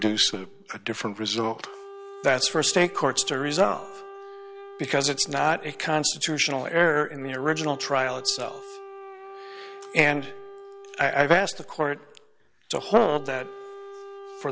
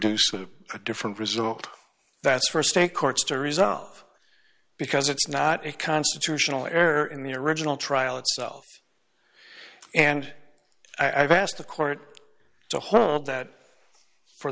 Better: second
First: background sound (Wind instrument, woodwind instrument); 16 dB below the speech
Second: none

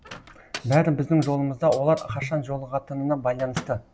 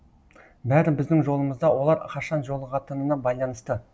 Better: second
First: background sound (Hi-hat + Microwave oven); 15 dB below the speech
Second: none

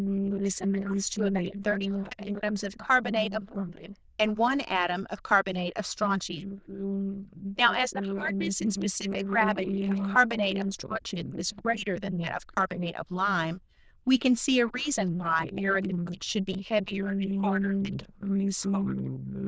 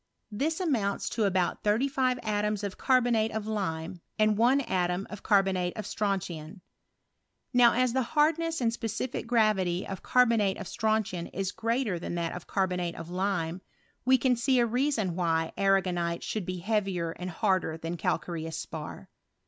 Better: second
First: noise reduction (neural diffusion model UNIVERSE++)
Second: none

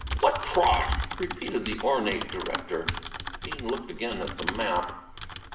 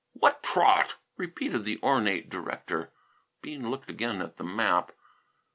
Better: second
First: background sound (Typing); 5 dB below the speech // room echo; dies away in 0.8 s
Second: none

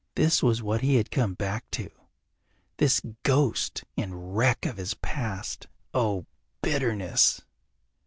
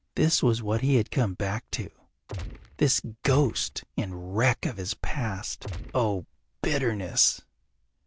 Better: first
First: none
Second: background sound (Gunshot, gunfire); 9 dB below the speech

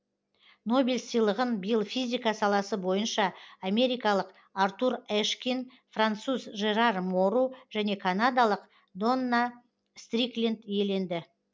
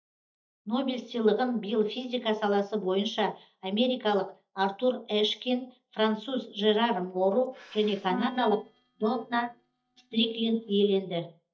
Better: first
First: none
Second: noise reduction (neural mask model DeepFilterNet 3)

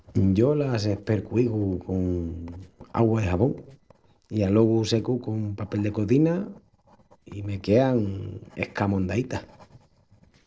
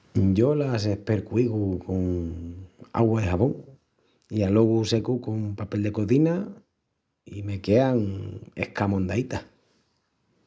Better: second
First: noise reduction (neural separator model SepFormer DNS4)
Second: none

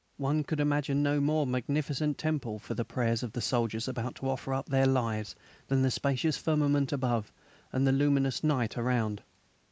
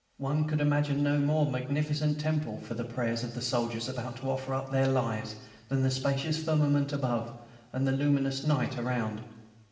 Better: first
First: none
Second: room echo; dies away in 1 s

